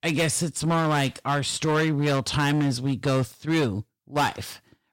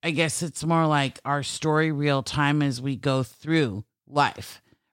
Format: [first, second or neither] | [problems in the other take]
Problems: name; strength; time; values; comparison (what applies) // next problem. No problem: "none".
second | distortion; heavy; 13% of the sound clipped